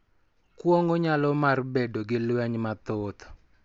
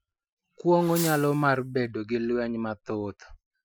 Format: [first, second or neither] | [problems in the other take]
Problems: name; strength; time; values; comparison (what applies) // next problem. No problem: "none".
first | noise reduction (classical method Wiener filter)